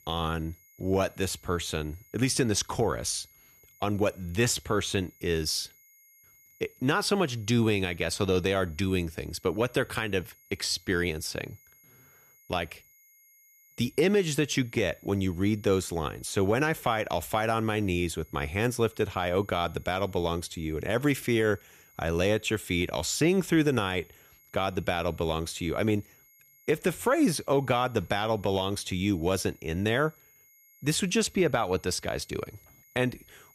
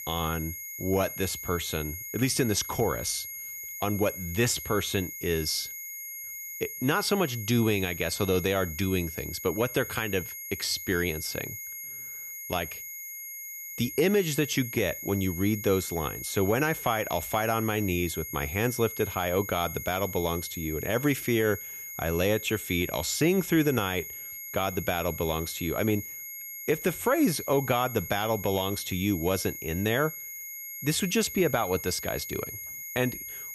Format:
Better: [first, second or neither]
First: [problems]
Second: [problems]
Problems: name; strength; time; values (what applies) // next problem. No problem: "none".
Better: first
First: high-pitched whine; faint; throughout; 11.5 kHz, 30 dB below the speech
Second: high-pitched whine; loud; throughout; 11.5 kHz, 8 dB below the speech